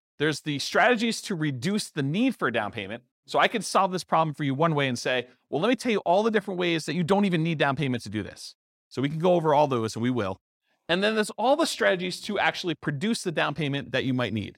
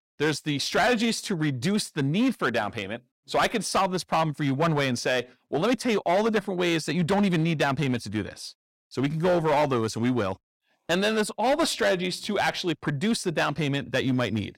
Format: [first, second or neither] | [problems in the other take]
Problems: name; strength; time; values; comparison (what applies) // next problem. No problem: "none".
first | distortion; slight; 7% of the sound clipped